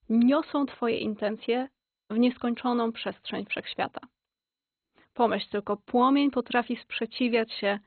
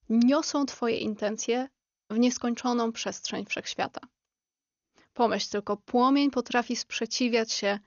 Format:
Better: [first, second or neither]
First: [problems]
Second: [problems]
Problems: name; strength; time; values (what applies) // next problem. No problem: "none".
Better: second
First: garbled, watery; badly; nothing above 4 kHz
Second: garbled, watery; slightly; nothing above 6.5 kHz